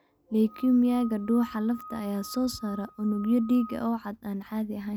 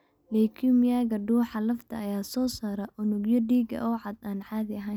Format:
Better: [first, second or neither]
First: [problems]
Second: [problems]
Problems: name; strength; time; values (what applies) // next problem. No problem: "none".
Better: second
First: background sound (Screech / Glass); 18 dB below the speech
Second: none